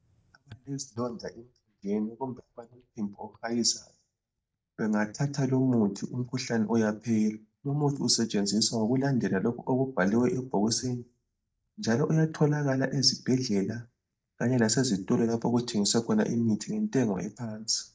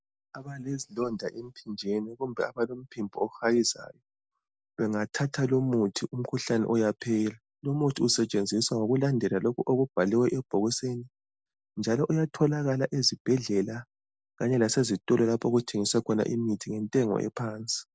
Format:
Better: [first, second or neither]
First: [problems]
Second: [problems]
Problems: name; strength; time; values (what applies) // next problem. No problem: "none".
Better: second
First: noise reduction (neural mask model DeepFilterNet 3)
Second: none